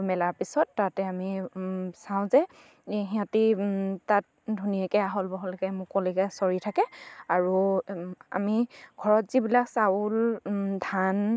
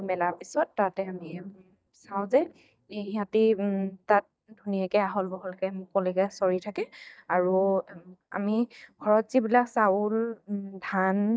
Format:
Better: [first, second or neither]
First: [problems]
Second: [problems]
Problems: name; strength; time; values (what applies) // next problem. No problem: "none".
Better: first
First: none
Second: noise reduction (neural mask model DeepFilterNet 3)